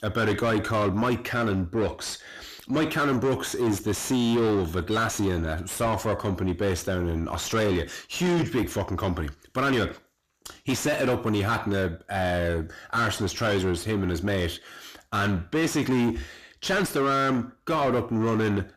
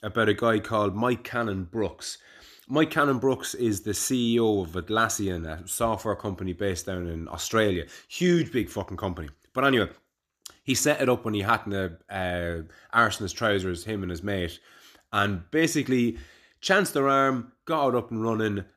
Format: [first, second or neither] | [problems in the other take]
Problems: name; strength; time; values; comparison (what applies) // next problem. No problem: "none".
second | distortion; heavy; 6 dB below the speech